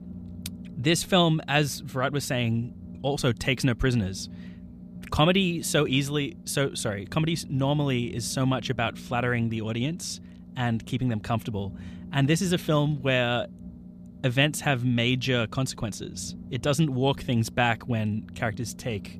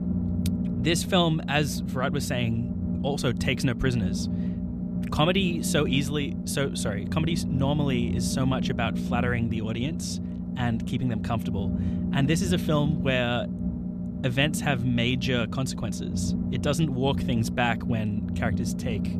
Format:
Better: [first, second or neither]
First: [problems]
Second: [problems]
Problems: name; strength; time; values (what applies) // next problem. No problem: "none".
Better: first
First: low rumble; faint; throughout; 25 dB below the speech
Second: low rumble; loud; throughout; 8 dB below the speech